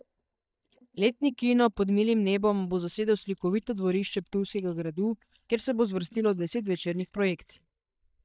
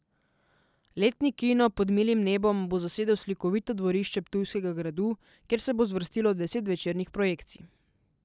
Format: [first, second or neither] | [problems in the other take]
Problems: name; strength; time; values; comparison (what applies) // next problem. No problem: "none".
second | noise reduction (neural mask model DeepFilterNet 3)